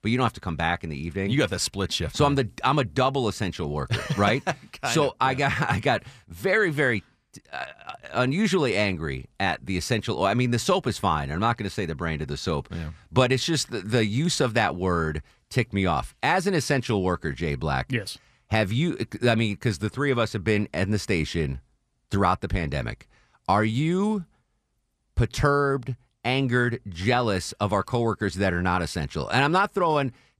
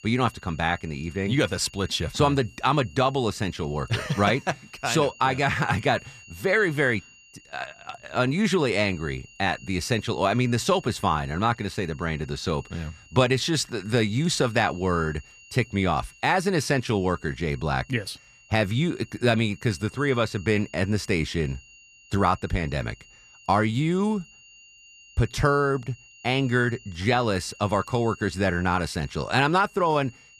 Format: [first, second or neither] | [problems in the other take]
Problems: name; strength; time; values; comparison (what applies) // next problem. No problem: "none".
first | high-pitched whine; faint; throughout; 3 kHz, 25 dB below the speech